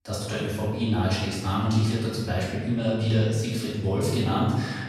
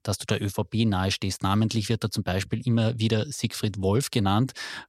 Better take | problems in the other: second | room echo; strong; dies away in 1.2 s // off-mic speech; far

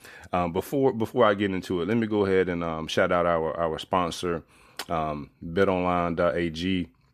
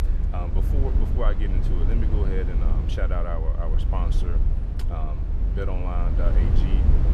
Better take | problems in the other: first | low rumble; loud; throughout; 4 dB below the speech

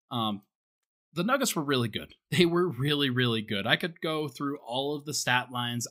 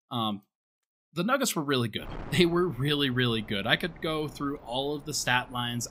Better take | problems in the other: first | wind noise on the microphone; occasional gusts; from 2 s on; 20 dB below the speech

